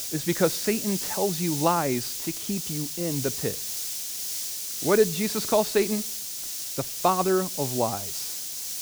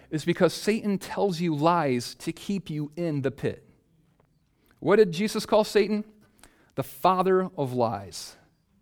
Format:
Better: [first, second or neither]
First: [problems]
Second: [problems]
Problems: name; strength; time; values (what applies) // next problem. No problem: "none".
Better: second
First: hiss; loud; throughout; 3 dB below the speech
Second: none